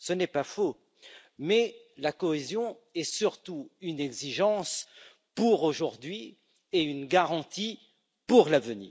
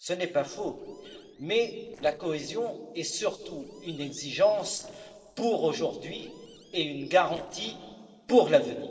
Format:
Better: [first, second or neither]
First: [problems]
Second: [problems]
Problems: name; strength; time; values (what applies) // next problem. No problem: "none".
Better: first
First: none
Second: noise reduction (neural separator model SepFormer DNS4)